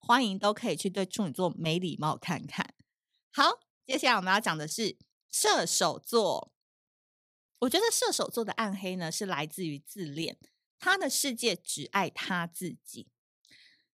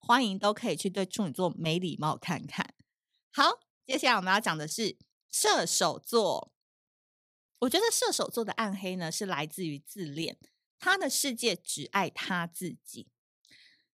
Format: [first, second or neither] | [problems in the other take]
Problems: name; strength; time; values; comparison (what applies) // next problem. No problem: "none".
neither | none